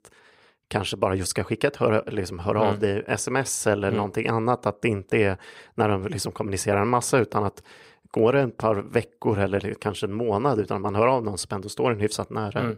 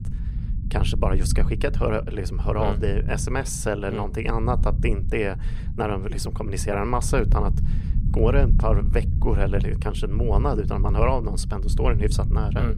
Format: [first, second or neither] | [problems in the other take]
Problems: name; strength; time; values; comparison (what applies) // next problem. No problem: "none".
first | low rumble; noticeable; throughout; 15 dB below the speech